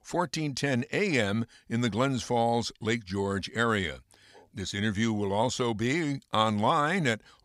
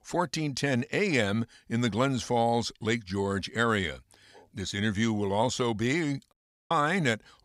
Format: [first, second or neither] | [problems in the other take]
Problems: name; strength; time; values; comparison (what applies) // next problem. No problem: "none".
first | audio cutting out; at 6.5 s